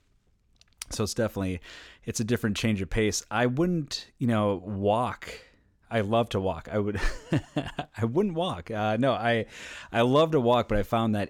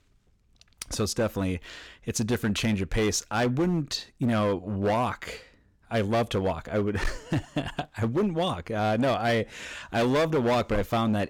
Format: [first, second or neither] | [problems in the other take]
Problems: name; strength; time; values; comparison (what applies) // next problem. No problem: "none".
first | distortion; slight; 9% of the sound clipped